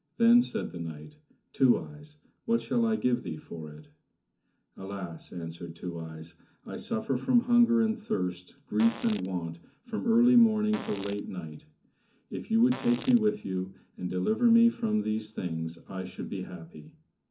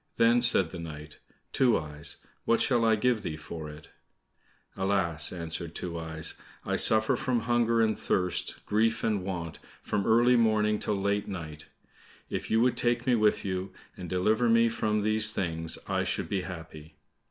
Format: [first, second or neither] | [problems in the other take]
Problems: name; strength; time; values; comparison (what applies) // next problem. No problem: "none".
second | background sound (Fart); 15 dB below the speech // room echo; dies away in 0.3 s